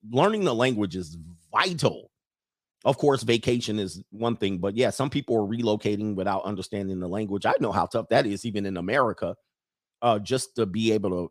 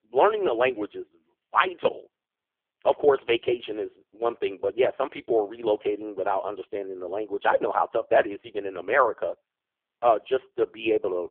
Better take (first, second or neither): first